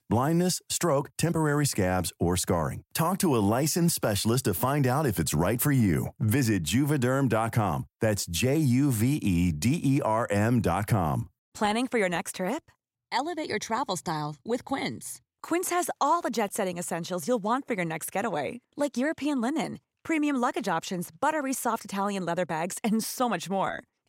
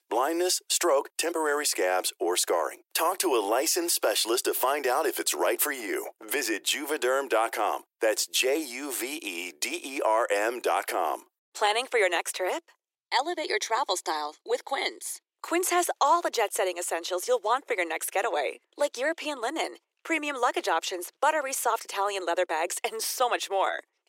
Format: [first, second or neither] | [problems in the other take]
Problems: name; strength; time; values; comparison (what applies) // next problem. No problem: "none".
first | thin; very; fading below 350 Hz